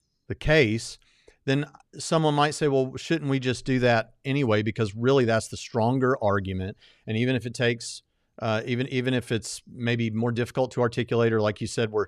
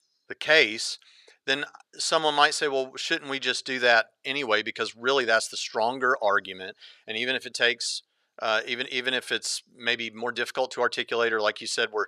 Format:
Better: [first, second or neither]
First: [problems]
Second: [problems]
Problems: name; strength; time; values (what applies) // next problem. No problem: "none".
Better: first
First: none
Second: thin; very; fading below 550 Hz